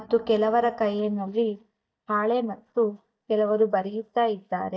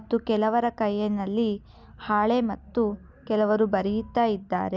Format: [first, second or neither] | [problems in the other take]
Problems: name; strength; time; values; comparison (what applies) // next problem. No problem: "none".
second | noise reduction (neural mask model DeepFilterNet 3)